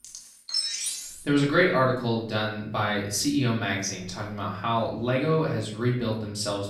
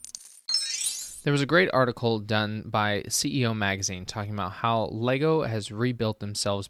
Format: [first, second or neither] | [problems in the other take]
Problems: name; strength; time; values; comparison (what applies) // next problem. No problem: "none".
second | off-mic speech; far // room echo; slight; dies away in 0.5 s